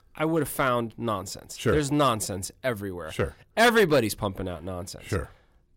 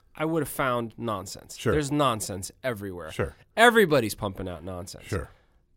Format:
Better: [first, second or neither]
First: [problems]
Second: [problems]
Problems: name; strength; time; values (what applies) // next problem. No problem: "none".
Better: second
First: distortion; slight; 1.9% of the sound clipped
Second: none